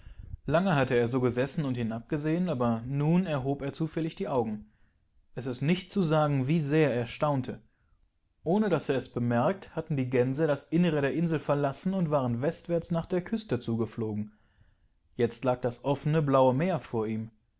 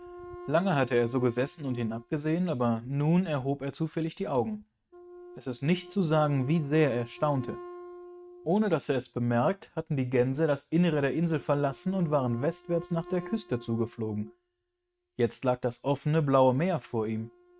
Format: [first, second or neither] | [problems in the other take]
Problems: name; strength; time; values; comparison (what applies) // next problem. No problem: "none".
first | noise reduction (neural mask model RNNoise)